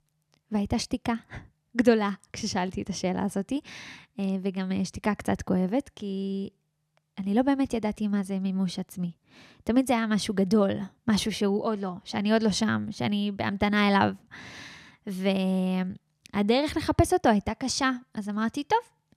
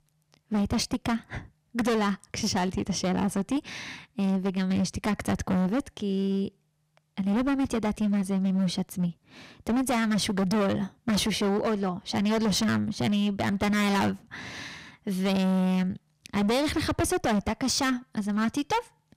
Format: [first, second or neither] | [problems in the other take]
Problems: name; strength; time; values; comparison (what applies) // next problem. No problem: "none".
first | distortion; heavy; 19% of the sound clipped